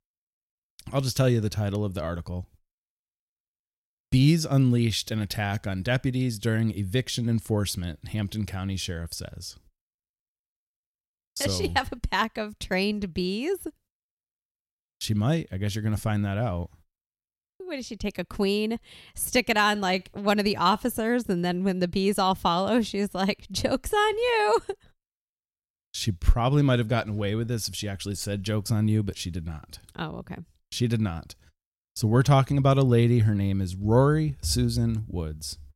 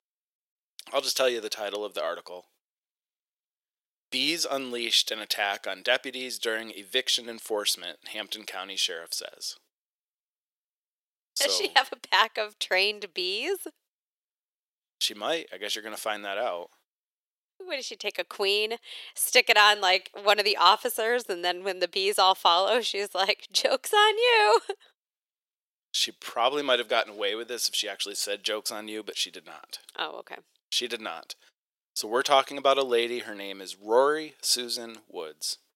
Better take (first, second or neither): first